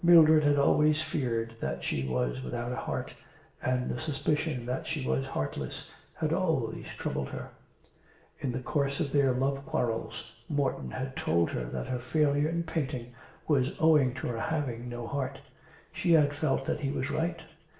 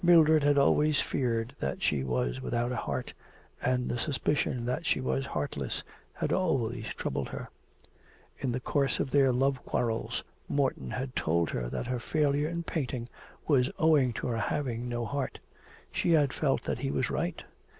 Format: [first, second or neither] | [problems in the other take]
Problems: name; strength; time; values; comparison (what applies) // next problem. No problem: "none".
second | room echo; dies away in 0.6 s